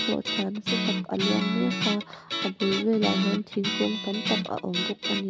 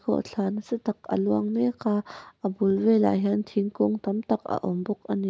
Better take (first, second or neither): second